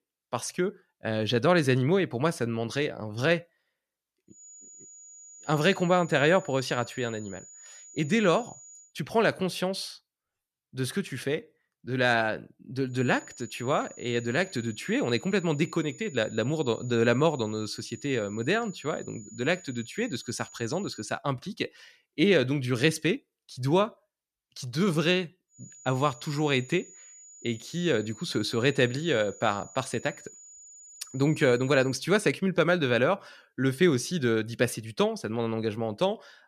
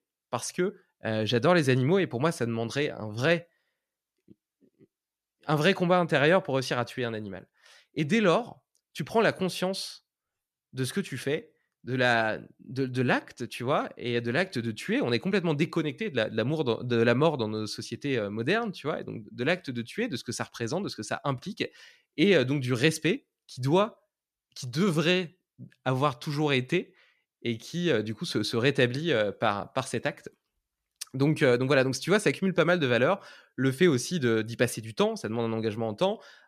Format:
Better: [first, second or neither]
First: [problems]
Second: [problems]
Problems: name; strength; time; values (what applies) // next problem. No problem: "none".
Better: second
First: high-pitched whine; noticeable; from 4.5 to 9 s, from 13 to 21 s and from 26 to 32 s; 7 kHz, 20 dB below the speech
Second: none